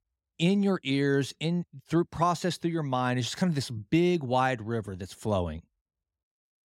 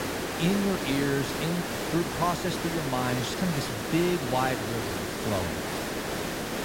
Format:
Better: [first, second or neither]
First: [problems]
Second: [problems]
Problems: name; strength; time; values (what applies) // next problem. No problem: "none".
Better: first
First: none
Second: hiss; loud; throughout; 1 dB below the speech